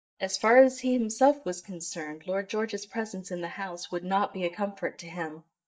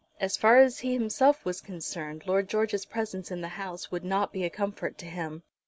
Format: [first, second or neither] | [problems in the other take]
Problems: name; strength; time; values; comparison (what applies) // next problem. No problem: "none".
second | noise reduction (neural mask model DeepFilterNet 3)